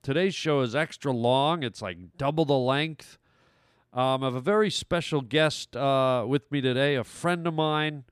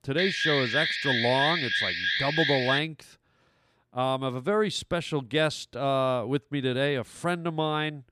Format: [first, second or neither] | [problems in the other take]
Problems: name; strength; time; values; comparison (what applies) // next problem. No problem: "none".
first | alarm; loud; until 3 s; peak 3 dB above the speech